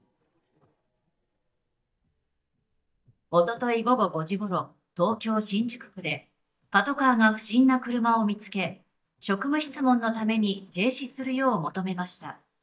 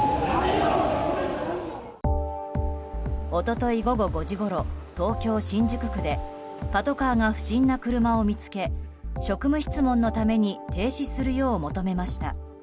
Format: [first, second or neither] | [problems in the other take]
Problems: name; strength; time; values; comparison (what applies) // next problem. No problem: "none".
second | noise reduction (neural mask model DeepFilterNet 3)